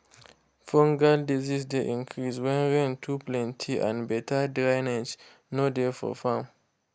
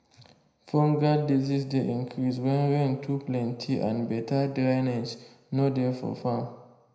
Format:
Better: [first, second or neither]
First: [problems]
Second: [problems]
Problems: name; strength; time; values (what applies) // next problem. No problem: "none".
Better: first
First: none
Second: room echo; dies away in 0.8 s